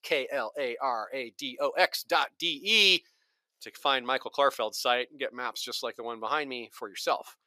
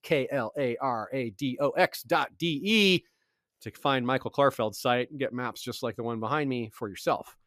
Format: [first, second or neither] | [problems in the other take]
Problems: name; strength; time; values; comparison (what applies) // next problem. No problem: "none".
second | thin; somewhat; fading below 500 Hz